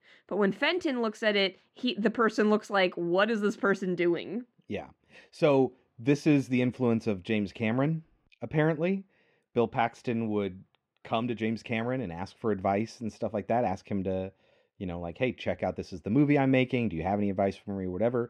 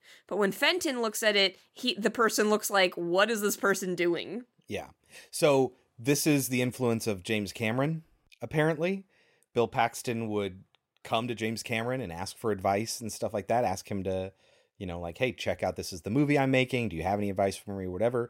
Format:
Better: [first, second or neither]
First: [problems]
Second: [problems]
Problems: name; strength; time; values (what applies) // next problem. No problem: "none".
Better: second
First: muffled; slightly; fading above 3 kHz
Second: none